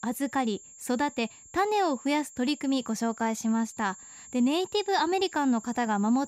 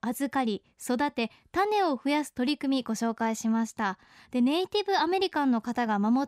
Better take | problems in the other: second | high-pitched whine; noticeable; throughout; 7.5 kHz, 20 dB below the speech

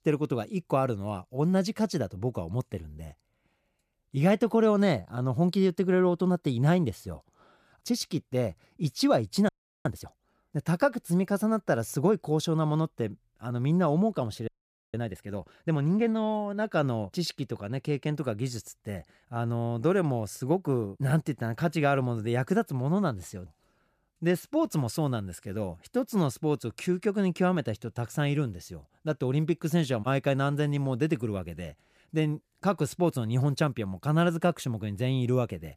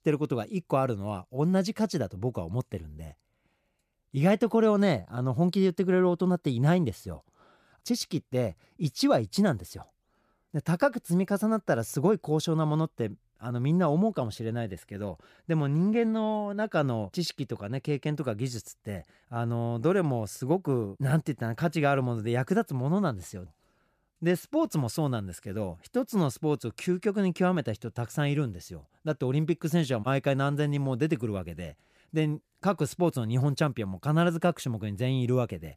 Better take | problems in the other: second | audio freezing; at 9.5 s and at 14 s

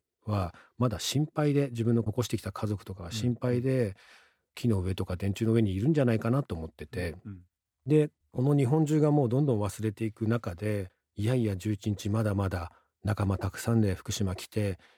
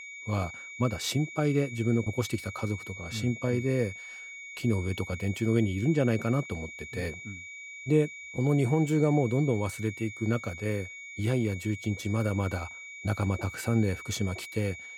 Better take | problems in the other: first | high-pitched whine; noticeable; throughout; 2.5 kHz, 10 dB below the speech

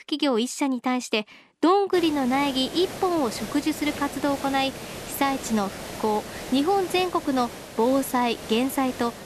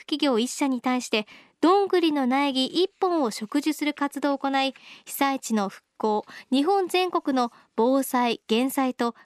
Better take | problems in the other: second | hiss; noticeable; from 2 s on; 10 dB below the speech

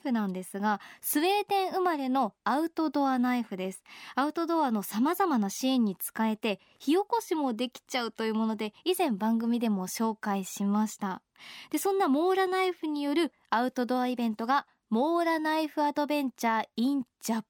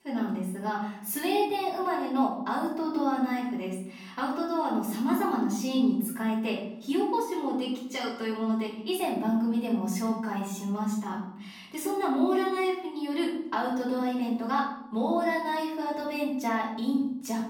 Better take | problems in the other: first | off-mic speech; far // room echo; noticeable; dies away in 0.9 s

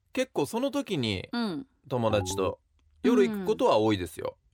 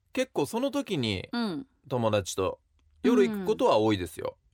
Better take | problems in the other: second | phone ringing; noticeable; at 2 s; peak 9 dB below the speech

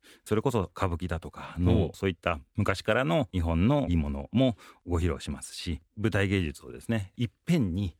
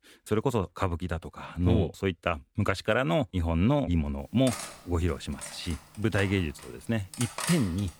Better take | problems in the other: first | clattering dishes; noticeable; from 4.5 s on; peak 3 dB below the speech

